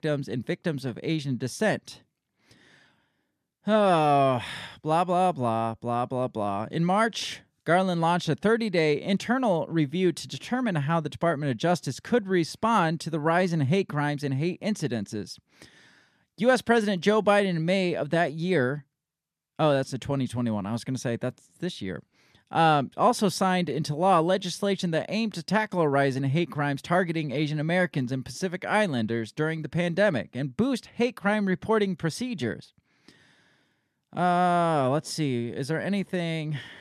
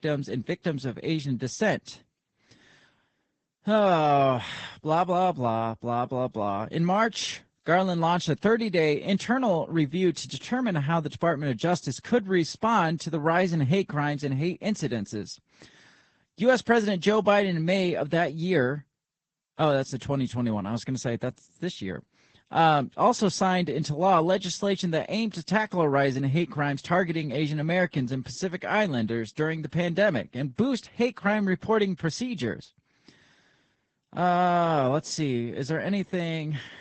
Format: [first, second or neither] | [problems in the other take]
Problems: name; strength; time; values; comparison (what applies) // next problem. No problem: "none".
first | garbled, watery; badly; nothing above 8 kHz